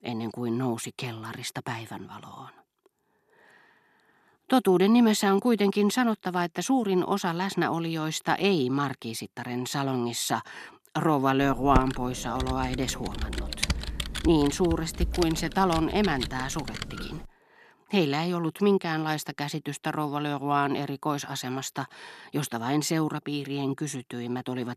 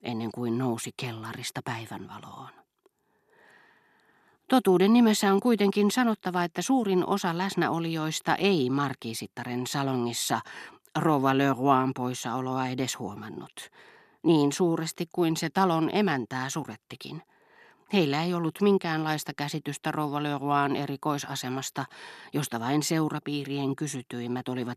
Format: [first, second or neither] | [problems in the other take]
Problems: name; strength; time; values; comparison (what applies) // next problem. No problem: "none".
second | keyboard typing; noticeable; from 12 to 17 s; peak 2 dB below the speech